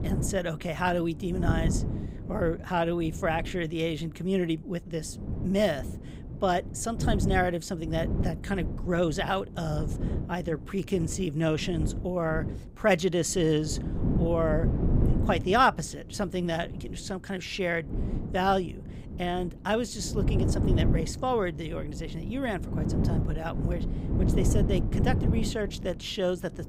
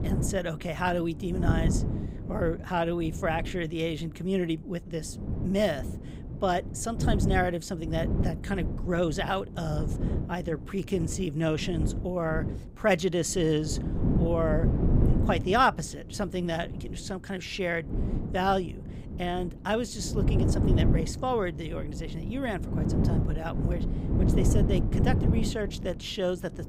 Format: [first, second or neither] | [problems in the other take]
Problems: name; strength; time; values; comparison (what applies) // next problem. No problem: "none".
first | wind noise on the microphone; heavy; 8 dB below the speech; occasional gusts in the first